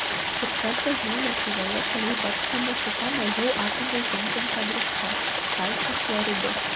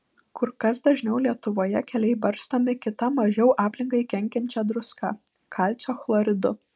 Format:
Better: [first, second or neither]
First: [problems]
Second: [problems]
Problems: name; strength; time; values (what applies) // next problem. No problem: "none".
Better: second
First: background sound (Stream); 5 dB above the speech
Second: none